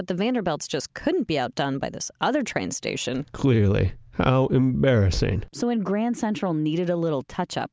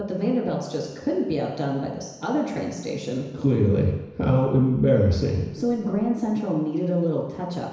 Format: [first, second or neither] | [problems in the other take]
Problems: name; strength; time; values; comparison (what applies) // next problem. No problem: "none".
first | room echo; dies away in 1 s